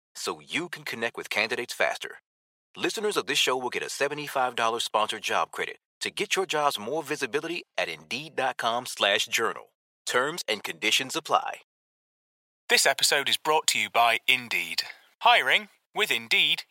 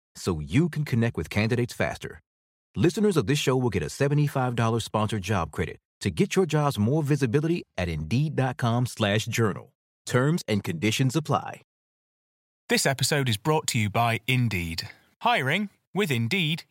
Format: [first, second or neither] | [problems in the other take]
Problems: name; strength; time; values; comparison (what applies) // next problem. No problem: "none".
second | thin; very; fading below 650 Hz